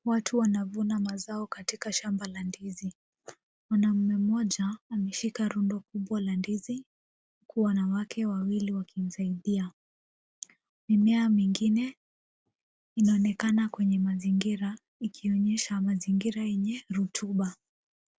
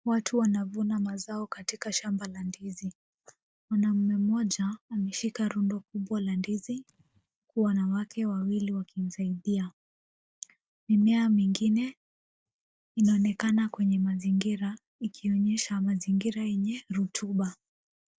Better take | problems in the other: first | noise reduction (neural mask model DeepFilterNet 3)

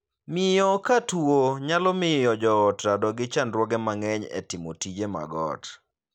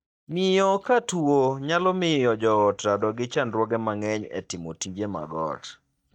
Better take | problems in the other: first | noise reduction (neural mask model DeepFilterNet 3)

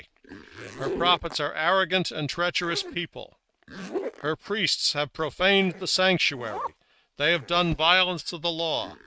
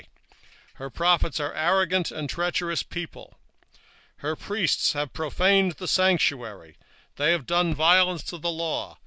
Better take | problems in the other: second | noise reduction (neural mask model RNNoise)

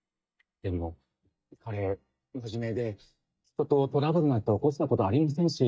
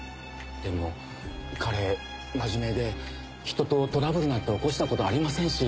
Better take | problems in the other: second | noise reduction (neural mask model DeepFilterNet 3)

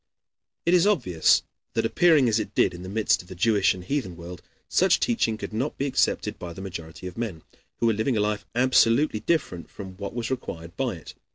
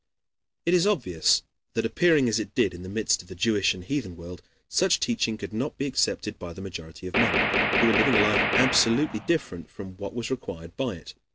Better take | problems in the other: first | background sound (Gunshot, gunfire); 2 dB above the speech

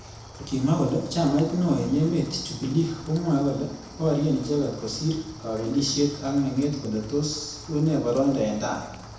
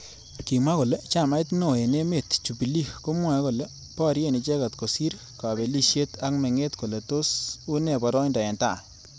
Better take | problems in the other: second | background sound (Rain); 18 dB below the speech // room echo; dies away in 0.9 s

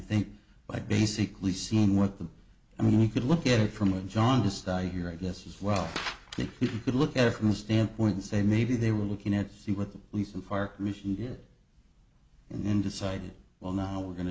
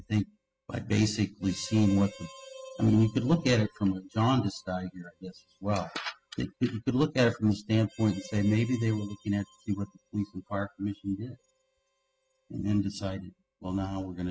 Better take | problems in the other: first | noise reduction (classical method spectral subtraction)

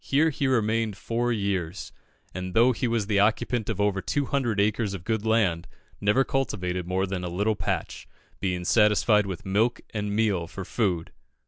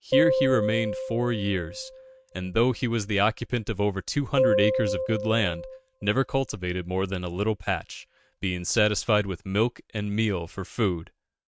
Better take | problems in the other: first | noise reduction (neural mask model RNNoise)

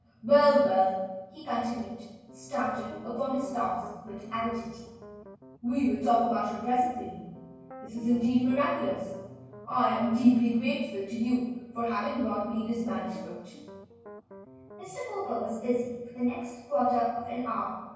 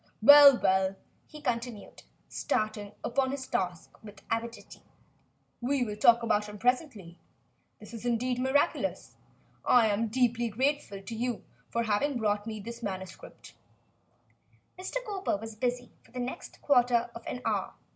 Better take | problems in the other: second | background sound (Piano); 19 dB below the speech // room echo; dies away in 1.3 s

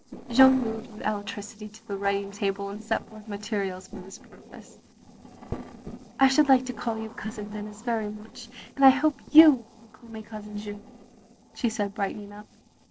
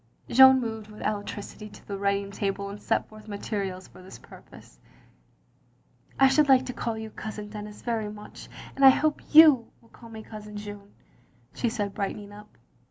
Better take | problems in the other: second | noise reduction (neural separator model SepFormer DNS4)

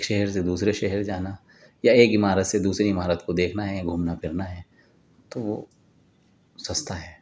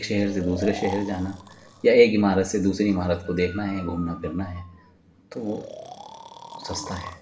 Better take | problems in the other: first | background sound (Breathing); 16 dB below the speech // room echo; dies away in 1 s

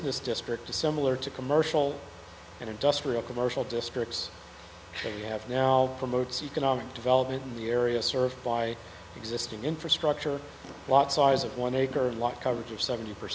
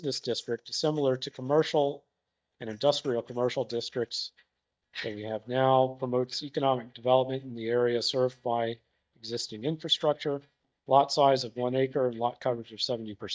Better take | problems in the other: first | noise reduction (neural mask model DeepFilterNet 3)

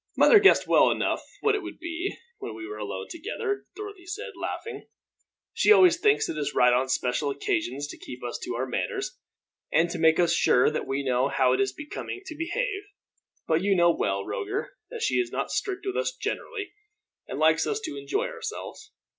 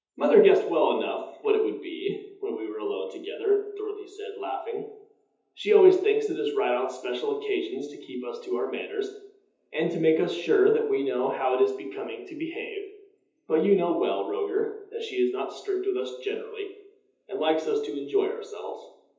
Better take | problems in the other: first | room echo; dies away in 0.8 s

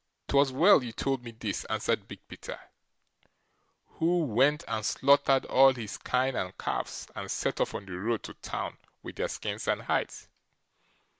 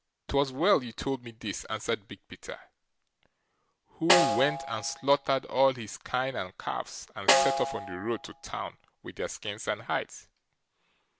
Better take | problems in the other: first | background sound (Snare drum); as loud as the speech

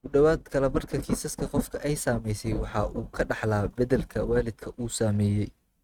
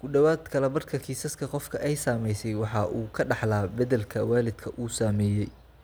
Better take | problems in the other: second | noise reduction (neural mask model RNNoise)

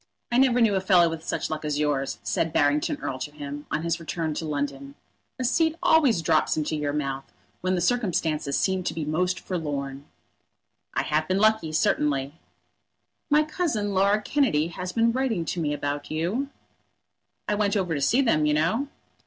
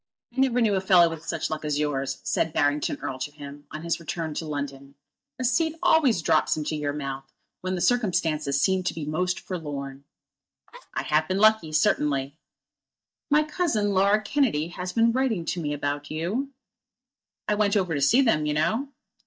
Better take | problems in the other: first | noise reduction (neural mask model DeepFilterNet 3)

